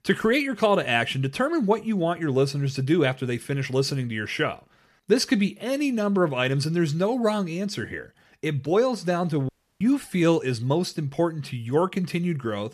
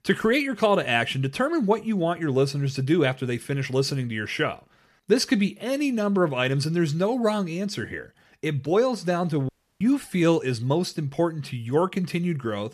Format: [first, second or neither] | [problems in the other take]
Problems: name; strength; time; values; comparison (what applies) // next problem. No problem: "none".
neither | audio cutting out; at 9.5 s; the same in both